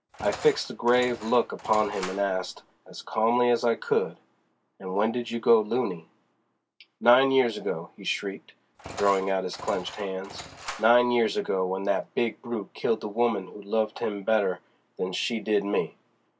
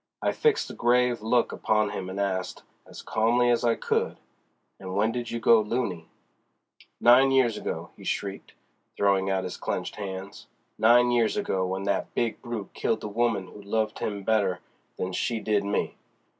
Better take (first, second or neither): second